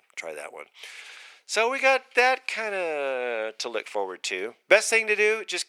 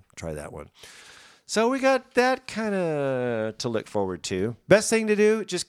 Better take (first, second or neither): second